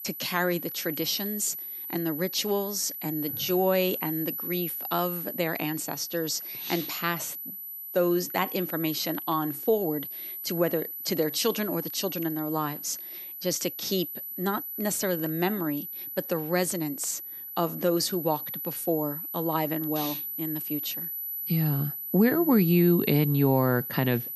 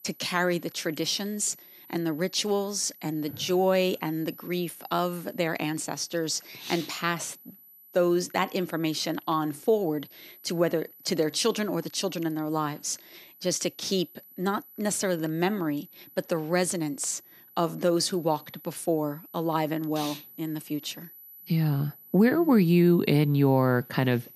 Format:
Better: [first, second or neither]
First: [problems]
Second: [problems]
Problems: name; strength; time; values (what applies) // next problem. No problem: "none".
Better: second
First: high-pitched whine; loud; throughout; 12 kHz, 5 dB below the speech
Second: high-pitched whine; faint; throughout; 12 kHz, 20 dB below the speech